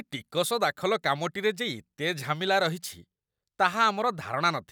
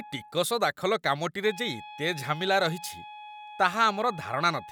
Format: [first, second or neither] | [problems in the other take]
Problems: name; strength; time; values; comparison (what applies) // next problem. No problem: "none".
first | background sound (Wind instrument, woodwind instrument); 17 dB below the speech